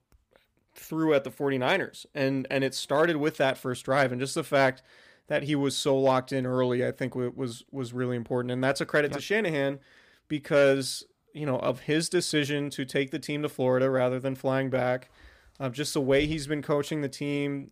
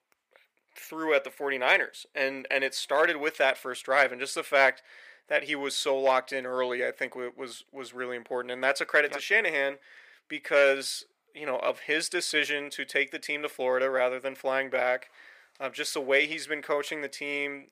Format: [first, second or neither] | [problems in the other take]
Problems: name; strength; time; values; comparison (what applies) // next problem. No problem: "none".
first | thin; somewhat; fading below 550 Hz